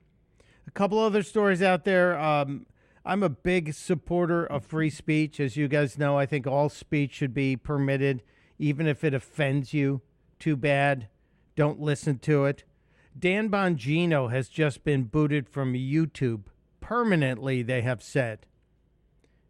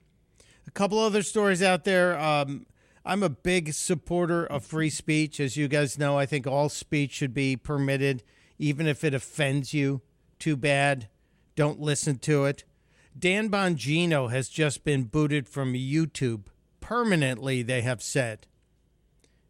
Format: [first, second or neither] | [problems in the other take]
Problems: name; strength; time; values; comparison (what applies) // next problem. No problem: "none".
second | muffled; slightly; fading above 3.5 kHz